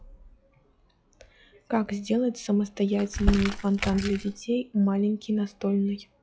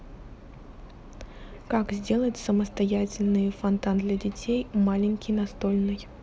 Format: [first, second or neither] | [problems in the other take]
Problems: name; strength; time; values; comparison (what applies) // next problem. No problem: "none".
second | noise reduction (classical method log-MMSE)